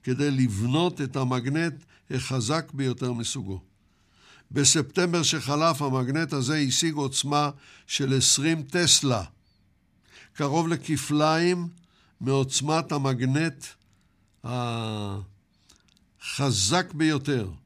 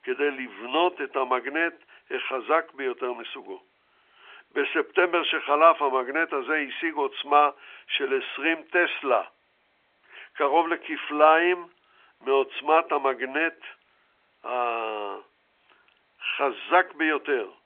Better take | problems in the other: first | phone-call audio; nothing above 3.5 kHz

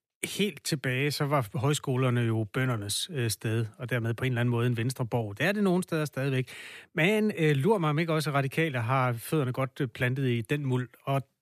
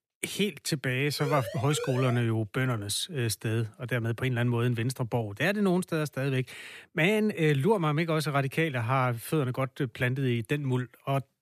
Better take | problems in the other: first | siren; noticeable; from 1 to 2 s; peak 7 dB below the speech

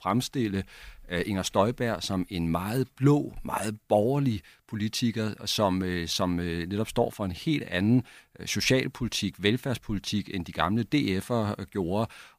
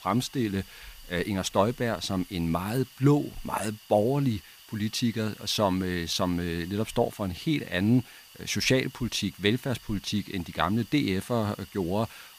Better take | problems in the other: first | hiss; faint; throughout; 20 dB below the speech

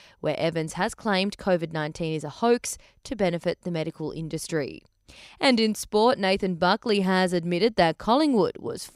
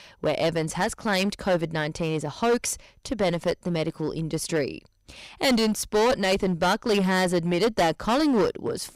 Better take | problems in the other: first | distortion; heavy; 12% of the sound clipped

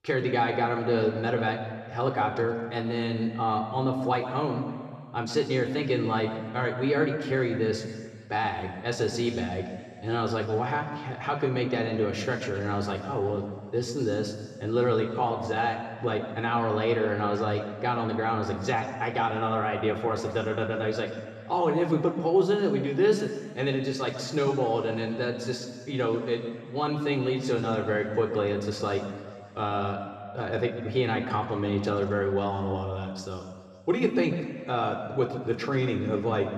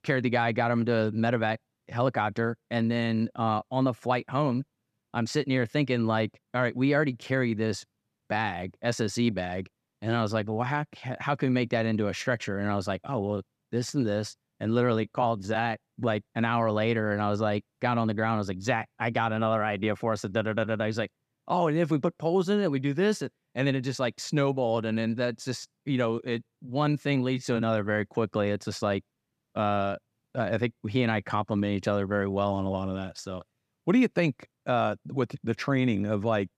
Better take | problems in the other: second | room echo; slight; dies away in 2 s

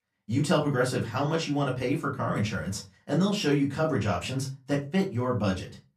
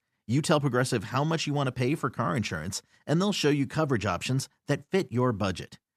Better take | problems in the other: second | off-mic speech; far // room echo; very slight; dies away in 0.2 s

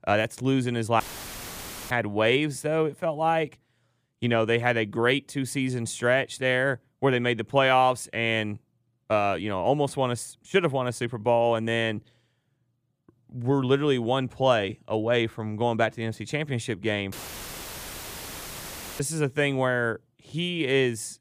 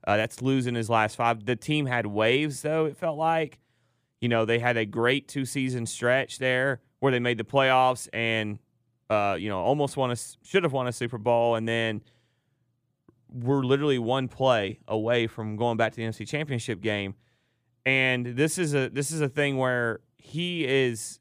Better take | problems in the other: second | audio cutting out; filled with static; at 1 s for 1 s and at 17 s for 2 s

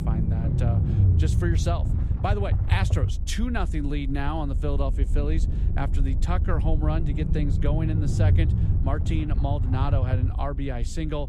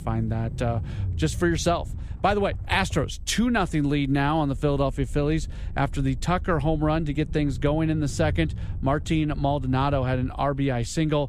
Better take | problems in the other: second | low rumble; loud; throughout; 6 dB below the speech; faint in the second

